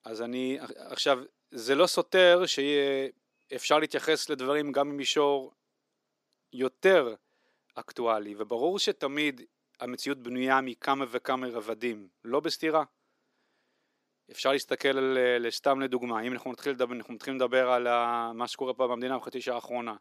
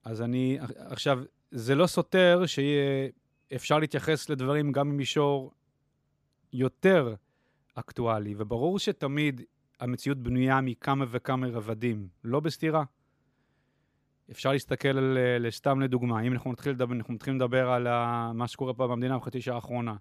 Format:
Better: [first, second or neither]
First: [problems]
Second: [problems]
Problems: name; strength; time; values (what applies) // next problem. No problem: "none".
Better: second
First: thin; somewhat; fading below 300 Hz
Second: none